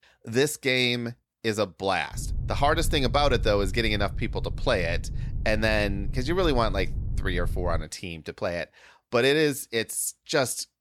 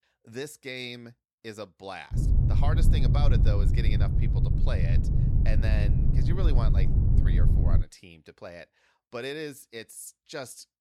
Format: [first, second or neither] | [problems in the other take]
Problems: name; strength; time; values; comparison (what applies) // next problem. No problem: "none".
first | low rumble; loud; from 2 to 8 s; 1 dB below the speech; faint in the first